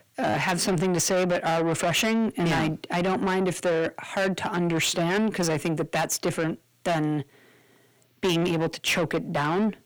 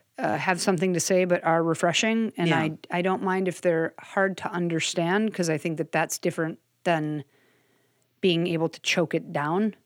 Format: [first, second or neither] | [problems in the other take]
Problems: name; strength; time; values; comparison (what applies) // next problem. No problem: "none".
second | distortion; heavy; 7 dB below the speech